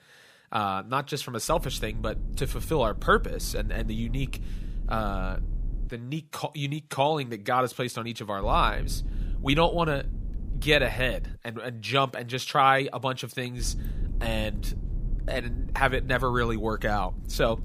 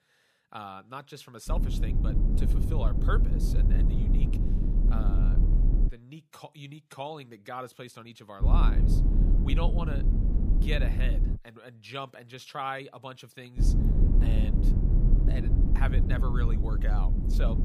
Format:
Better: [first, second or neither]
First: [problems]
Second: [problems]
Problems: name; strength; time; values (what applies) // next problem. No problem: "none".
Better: first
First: low rumble; faint; from 1.5 to 6 s, from 8.5 to 11 s and from 14 s on; 25 dB below the speech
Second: low rumble; loud; from 1.5 to 6 s, from 8.5 to 11 s and from 14 s on; 2 dB below the speech